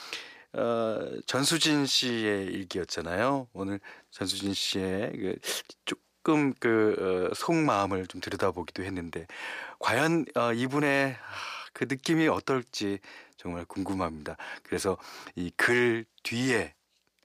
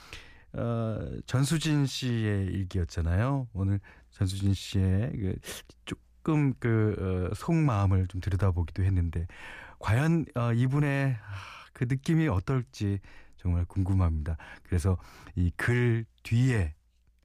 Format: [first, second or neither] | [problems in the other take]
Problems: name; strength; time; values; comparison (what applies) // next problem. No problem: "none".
second | thin; somewhat; fading below 400 Hz